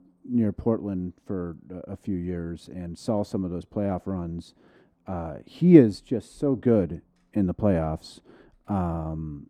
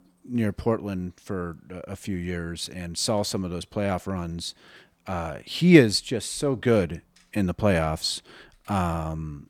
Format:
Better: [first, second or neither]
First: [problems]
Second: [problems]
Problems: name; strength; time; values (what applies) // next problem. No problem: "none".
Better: second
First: muffled; very; fading above 1.5 kHz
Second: none